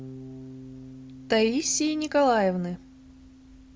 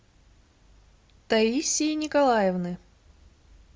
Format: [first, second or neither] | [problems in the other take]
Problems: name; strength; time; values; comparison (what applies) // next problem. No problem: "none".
second | background sound (Bass guitar); 17 dB below the speech